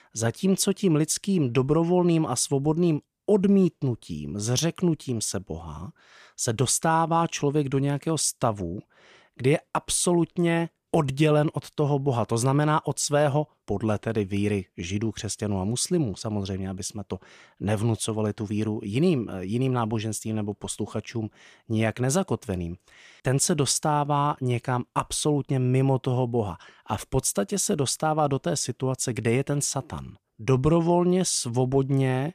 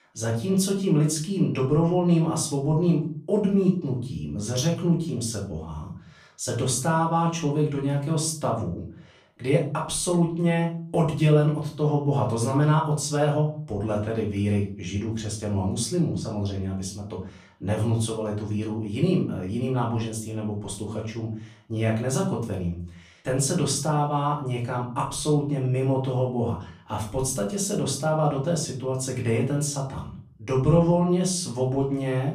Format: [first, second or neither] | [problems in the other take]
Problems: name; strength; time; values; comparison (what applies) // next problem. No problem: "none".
first | off-mic speech; far // room echo; slight; dies away in 0.4 s